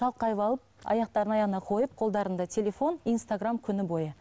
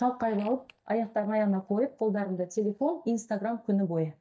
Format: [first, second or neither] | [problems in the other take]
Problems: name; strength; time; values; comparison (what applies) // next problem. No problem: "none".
first | noise reduction (neural mask model DeepFilterNet 3)